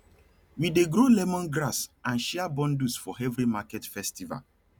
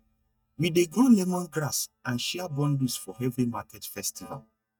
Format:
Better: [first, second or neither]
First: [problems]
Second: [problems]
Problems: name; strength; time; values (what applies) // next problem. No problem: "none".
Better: first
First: none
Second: noise reduction (neural mask model DeepFilterNet 3)